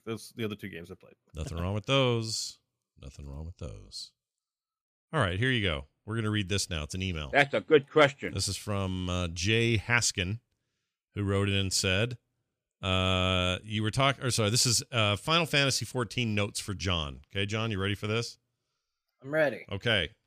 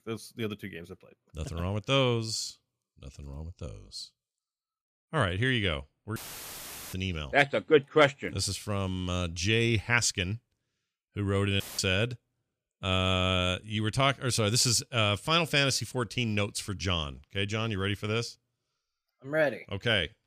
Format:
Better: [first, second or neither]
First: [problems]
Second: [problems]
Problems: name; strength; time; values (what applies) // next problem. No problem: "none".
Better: first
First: none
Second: audio cutting out; filled with static; at 6 s for 1 s and at 12 s